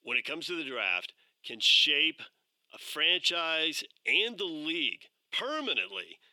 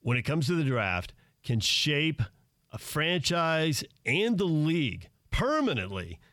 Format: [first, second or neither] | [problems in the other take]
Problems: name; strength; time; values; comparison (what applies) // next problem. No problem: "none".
second | thin; somewhat; fading below 300 Hz